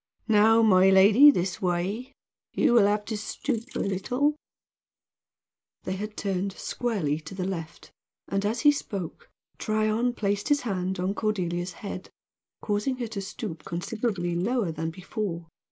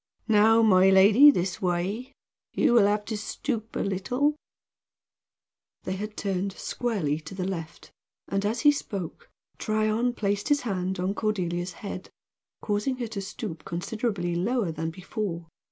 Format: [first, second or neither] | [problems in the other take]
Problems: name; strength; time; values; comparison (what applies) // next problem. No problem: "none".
second | noise reduction (neural mask model Resemble Enhance denoiser)